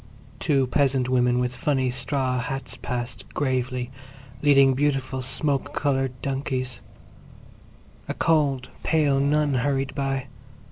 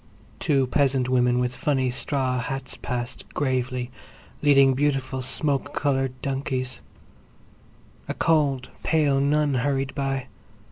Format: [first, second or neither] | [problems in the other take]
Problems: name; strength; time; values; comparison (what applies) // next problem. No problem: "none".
second | background sound (Accelerating, revving, vroom); 20 dB below the speech